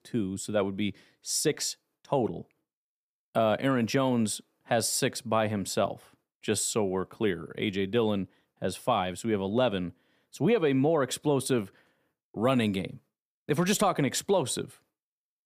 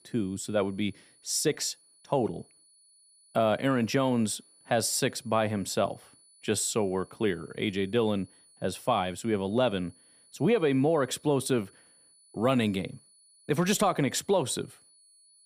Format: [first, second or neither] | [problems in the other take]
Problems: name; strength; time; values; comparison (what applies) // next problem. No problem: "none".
first | high-pitched whine; faint; throughout; 10 kHz, 30 dB below the speech